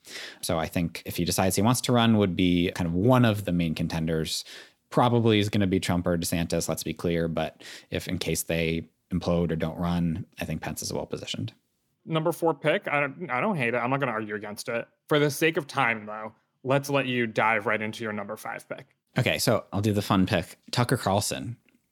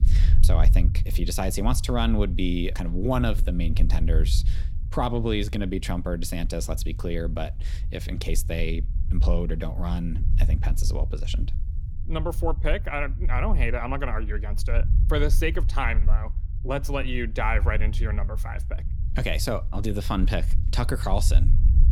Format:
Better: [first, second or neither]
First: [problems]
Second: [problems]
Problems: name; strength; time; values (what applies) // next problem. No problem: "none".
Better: first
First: none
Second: low rumble; noticeable; throughout; 15 dB below the speech